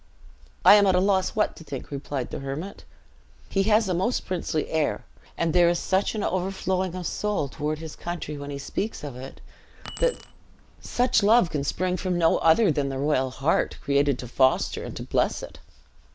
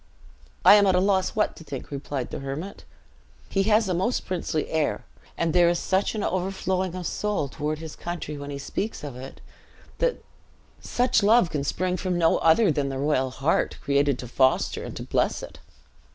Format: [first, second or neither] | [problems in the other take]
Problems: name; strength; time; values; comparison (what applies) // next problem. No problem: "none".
second | background sound (Keys jangling); 17 dB below the speech